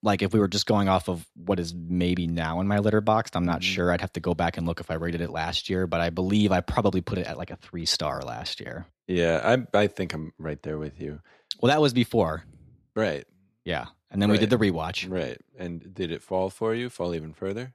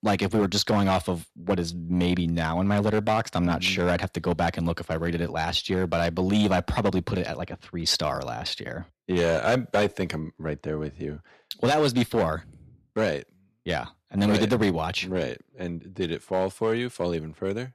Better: first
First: none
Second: distortion; slight; 5% of the sound clipped

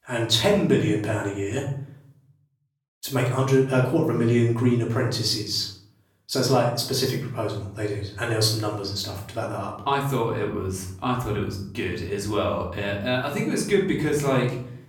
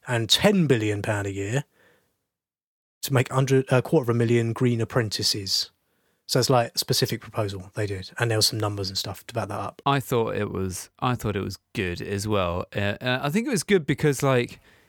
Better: second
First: off-mic speech; far // room echo; noticeable; dies away in 0.6 s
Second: none

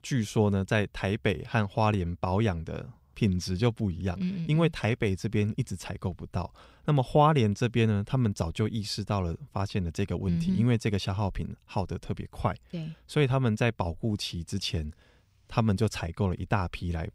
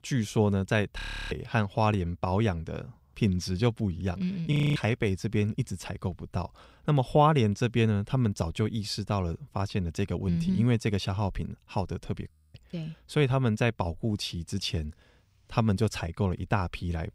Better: first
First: none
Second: audio freezing; at 1 s, at 4.5 s and at 12 s

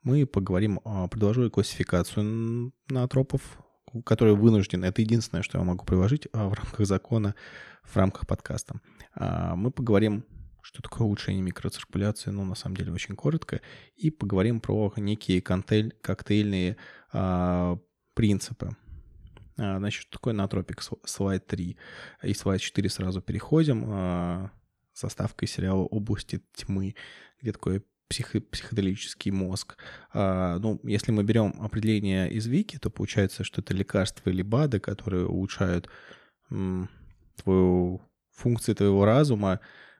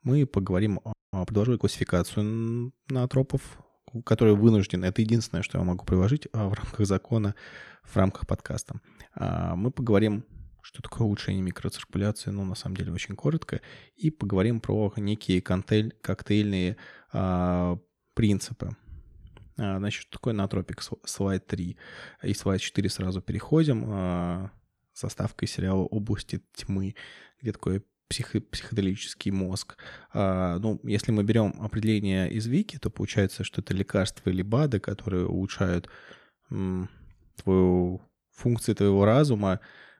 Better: first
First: none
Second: audio freezing; at 1 s

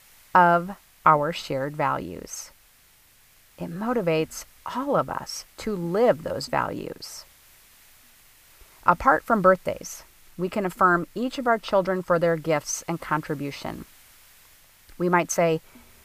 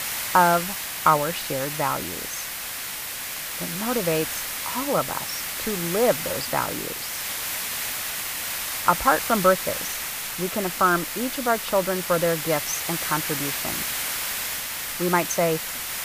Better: first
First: hiss; faint; throughout; 30 dB below the speech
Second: hiss; loud; throughout; 3 dB below the speech

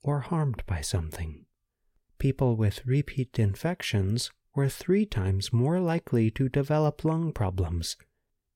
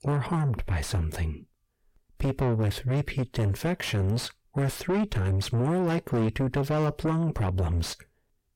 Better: first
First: none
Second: distortion; heavy; 5 dB below the speech

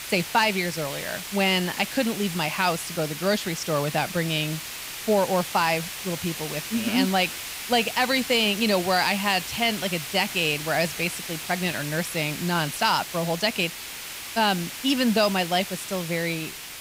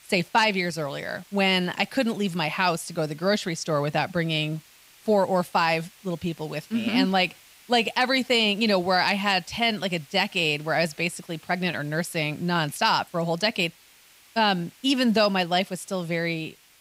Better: second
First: hiss; loud; throughout; 8 dB below the speech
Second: hiss; faint; throughout; 25 dB below the speech

